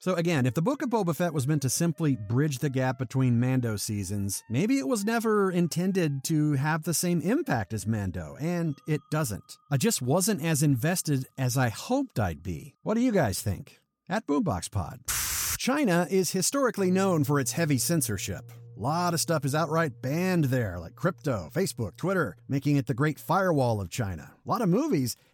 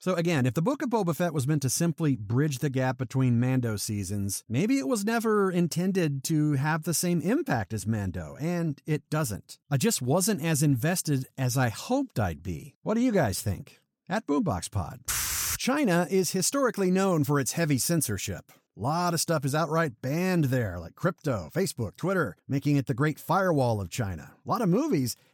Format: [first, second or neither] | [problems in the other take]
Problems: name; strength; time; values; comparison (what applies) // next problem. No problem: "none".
second | background music; faint; throughout; 25 dB below the speech